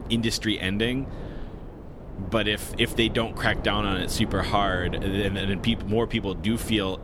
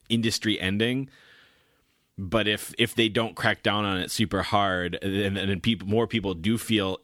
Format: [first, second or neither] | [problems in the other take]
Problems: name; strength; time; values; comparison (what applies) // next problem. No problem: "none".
second | wind noise on the microphone; occasional gusts; 15 dB below the speech